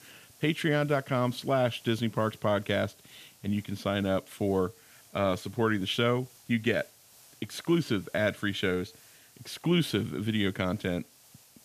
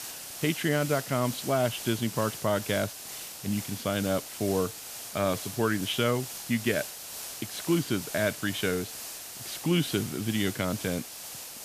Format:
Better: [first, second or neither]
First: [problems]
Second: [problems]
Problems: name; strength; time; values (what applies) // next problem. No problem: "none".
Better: first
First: hiss; faint; throughout; 25 dB below the speech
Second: hiss; loud; throughout; 8 dB below the speech